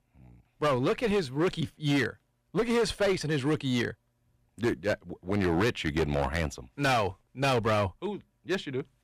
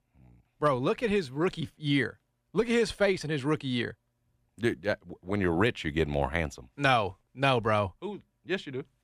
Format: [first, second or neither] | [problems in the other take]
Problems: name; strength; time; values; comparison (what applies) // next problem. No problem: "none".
second | distortion; heavy; 9% of the sound clipped